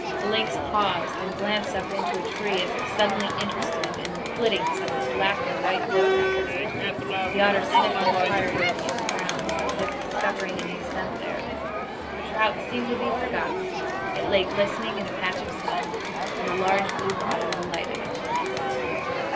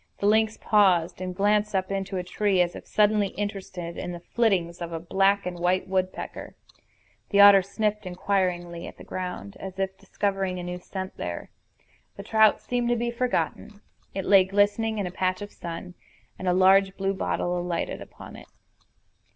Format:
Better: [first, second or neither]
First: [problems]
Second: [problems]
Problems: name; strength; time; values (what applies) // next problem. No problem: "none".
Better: second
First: background sound (Crowd); 3 dB above the speech // room echo; dies away in 0.2 s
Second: none